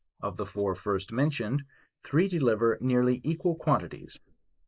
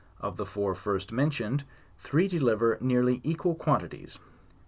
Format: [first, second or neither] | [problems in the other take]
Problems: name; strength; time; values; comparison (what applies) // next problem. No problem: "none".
second | noise reduction (neural mask model Resemble Enhance denoiser)